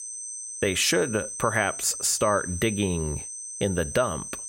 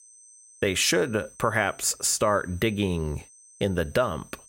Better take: second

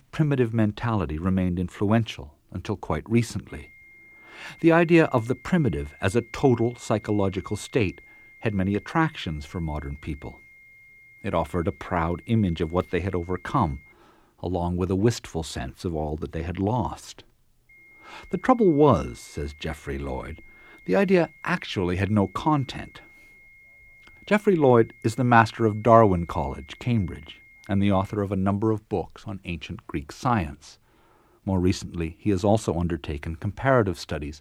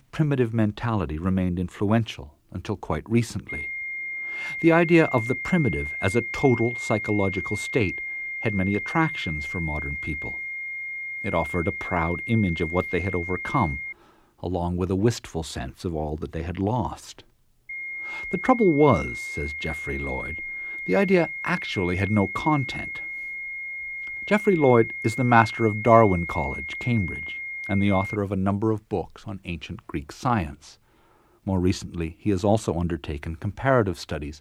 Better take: first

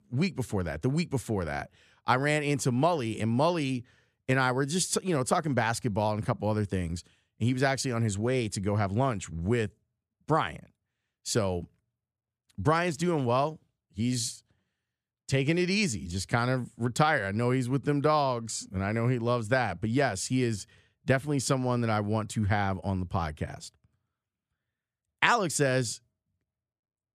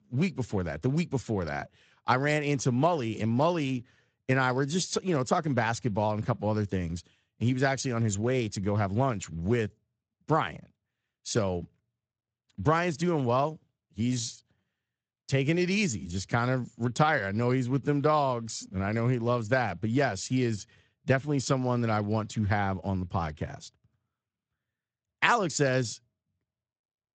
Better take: first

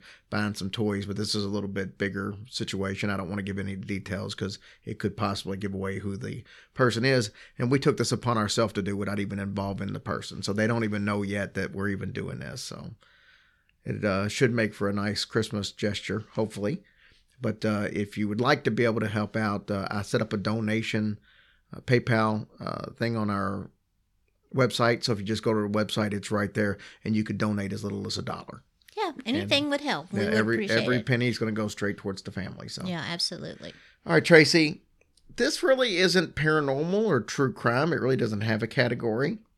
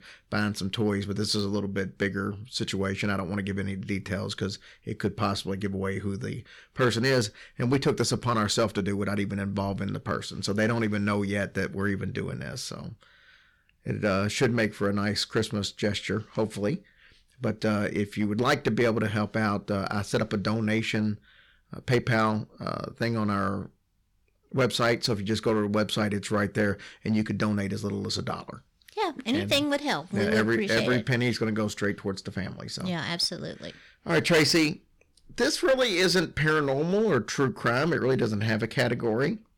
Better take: first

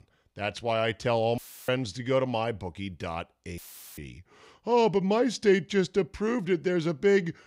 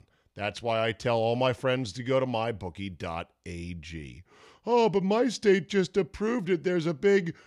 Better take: second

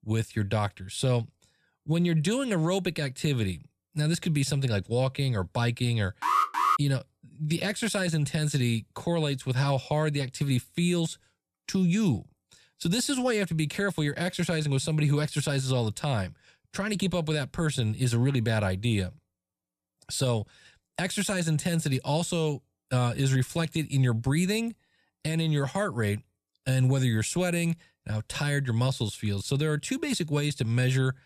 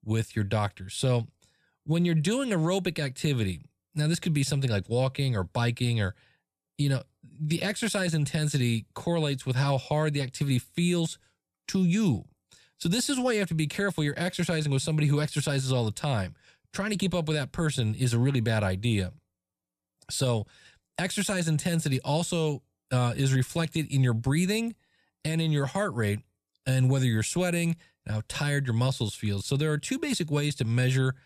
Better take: second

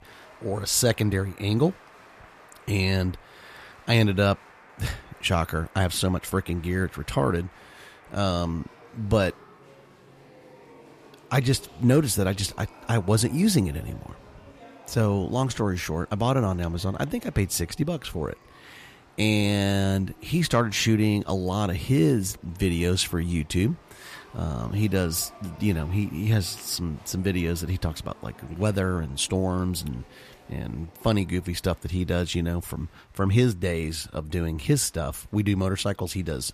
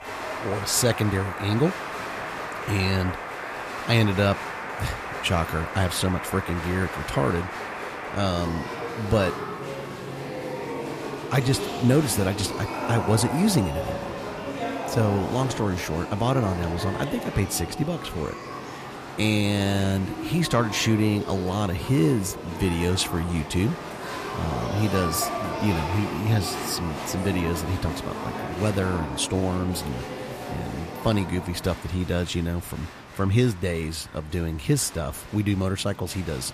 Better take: first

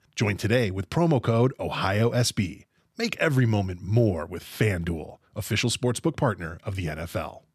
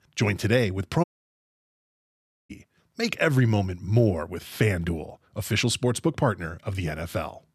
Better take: first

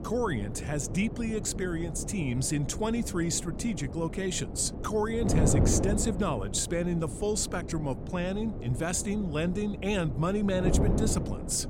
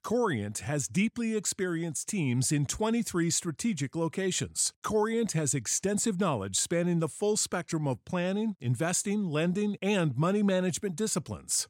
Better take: second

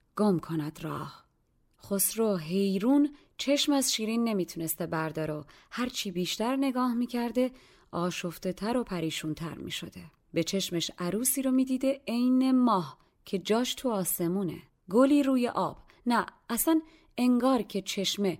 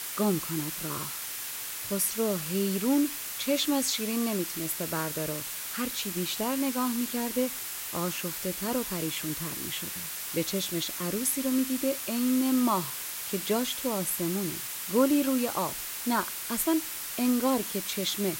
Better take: first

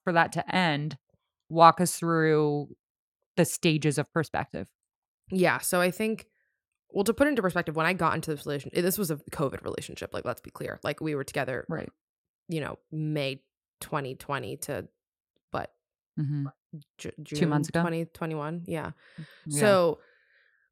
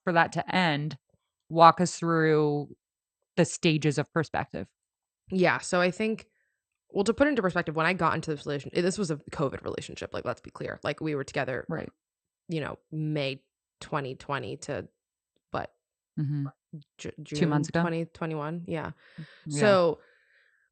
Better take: first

